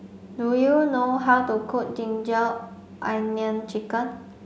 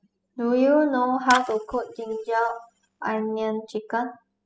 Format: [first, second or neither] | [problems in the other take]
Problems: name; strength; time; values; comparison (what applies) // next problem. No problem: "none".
first | noise reduction (classical method spectral subtraction)